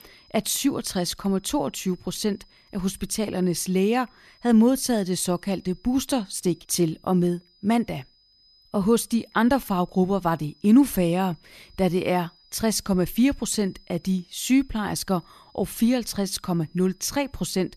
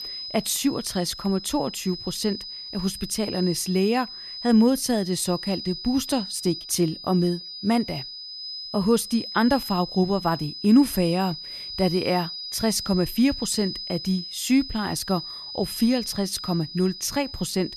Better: first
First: high-pitched whine; faint; throughout; 5 kHz, 30 dB below the speech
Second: high-pitched whine; loud; throughout; 5 kHz, 9 dB below the speech

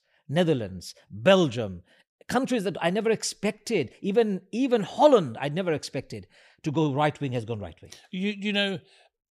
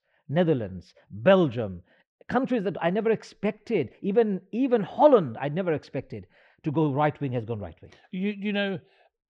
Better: first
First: none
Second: muffled; very; fading above 2 kHz

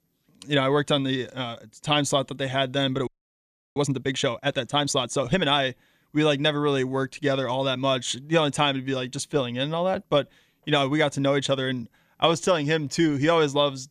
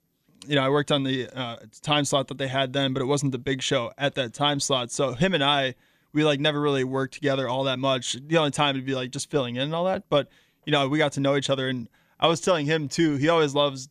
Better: second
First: audio freezing; at 3 s for 0.5 s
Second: none

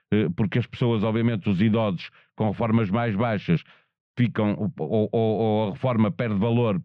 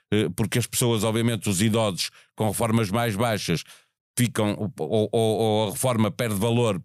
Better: second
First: muffled; very; fading above 3 kHz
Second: none

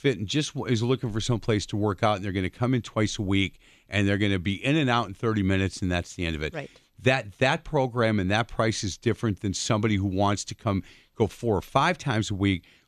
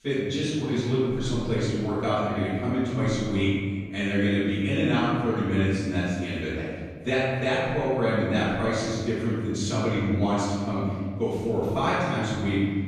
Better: first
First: none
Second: off-mic speech; far // room echo; strong; dies away in 1.6 s

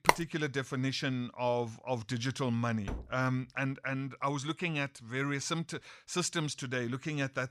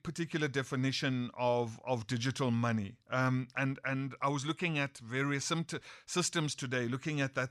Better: second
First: phone ringing; very faint; at the start; peak 5 dB above the speech // door banging; noticeable; at 3 s; peak 9 dB below the speech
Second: none

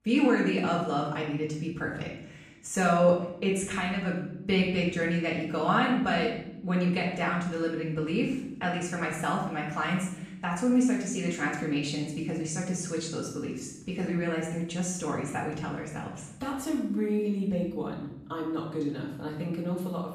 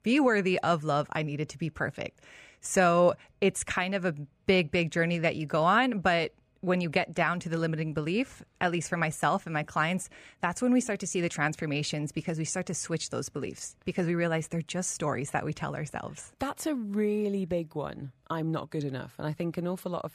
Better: second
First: off-mic speech; far // room echo; noticeable; dies away in 0.8 s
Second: none

